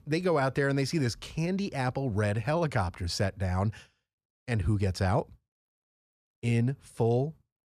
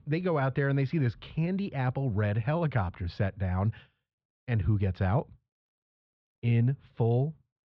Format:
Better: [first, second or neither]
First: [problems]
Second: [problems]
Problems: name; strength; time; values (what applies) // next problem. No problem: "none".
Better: first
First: none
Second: muffled; slightly; fading above 3.5 kHz